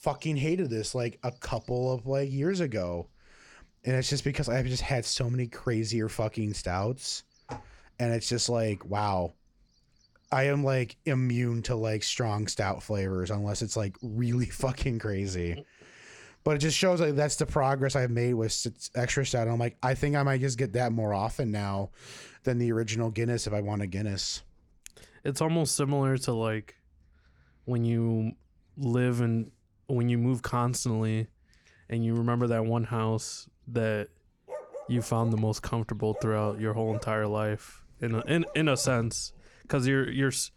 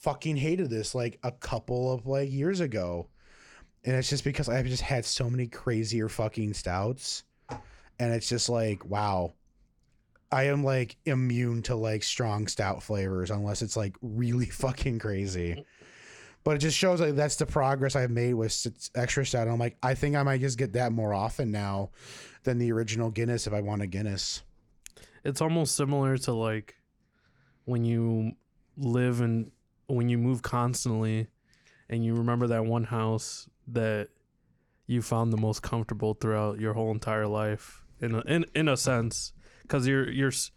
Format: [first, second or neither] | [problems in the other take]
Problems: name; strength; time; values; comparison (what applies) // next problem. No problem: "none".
second | animal sounds; noticeable; throughout; 20 dB below the speech